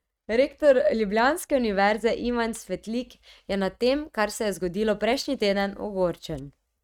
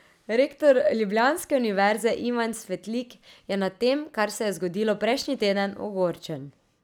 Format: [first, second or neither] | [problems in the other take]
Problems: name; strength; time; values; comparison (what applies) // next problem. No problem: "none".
second | noise reduction (neural mask model RNNoise)